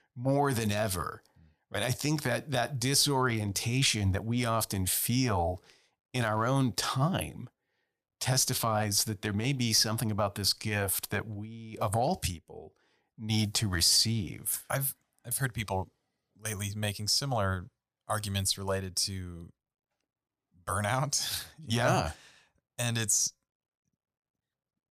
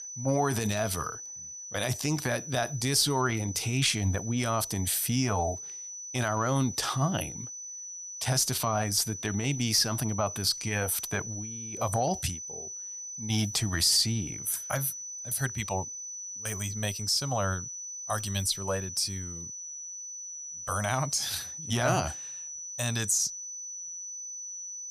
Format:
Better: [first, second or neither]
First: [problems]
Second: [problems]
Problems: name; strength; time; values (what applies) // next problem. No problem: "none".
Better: first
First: none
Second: high-pitched whine; loud; throughout; 6 kHz, 8 dB below the speech